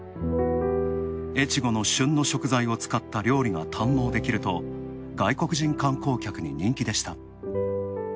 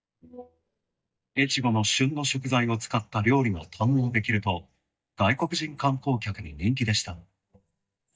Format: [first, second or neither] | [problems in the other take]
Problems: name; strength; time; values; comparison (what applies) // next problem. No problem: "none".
first | noise reduction (neural mask model DeepFilterNet 3)